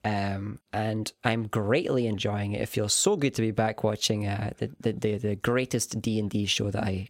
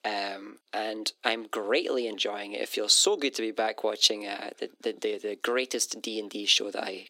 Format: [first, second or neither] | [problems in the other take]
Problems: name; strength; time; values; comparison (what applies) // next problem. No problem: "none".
first | thin; somewhat; fading below 300 Hz